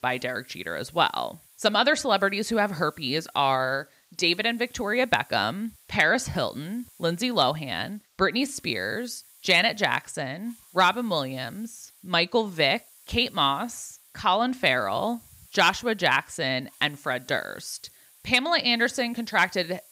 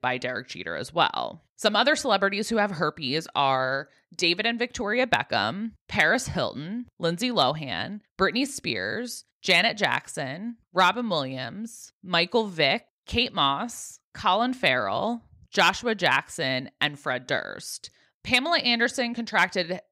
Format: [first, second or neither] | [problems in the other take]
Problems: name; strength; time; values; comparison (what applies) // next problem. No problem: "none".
second | hiss; faint; throughout; 25 dB below the speech